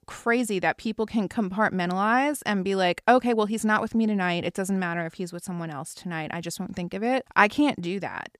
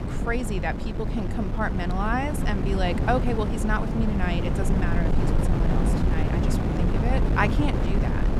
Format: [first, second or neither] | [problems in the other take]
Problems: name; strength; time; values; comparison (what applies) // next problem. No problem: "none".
first | wind noise on the microphone; heavy; 4 dB below the speech